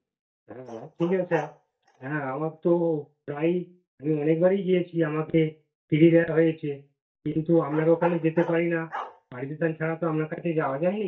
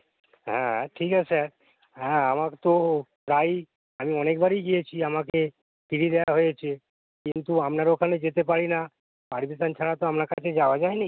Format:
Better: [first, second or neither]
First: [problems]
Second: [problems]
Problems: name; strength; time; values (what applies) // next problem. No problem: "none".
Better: second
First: noise reduction (neural mask model DeepFilterNet 3)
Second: none